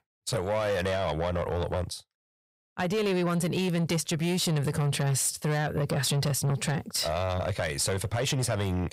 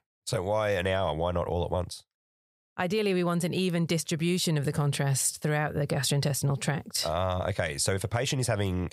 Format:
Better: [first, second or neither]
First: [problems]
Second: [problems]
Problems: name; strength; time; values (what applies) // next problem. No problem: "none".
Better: second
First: distortion; slight; 10 dB below the speech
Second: none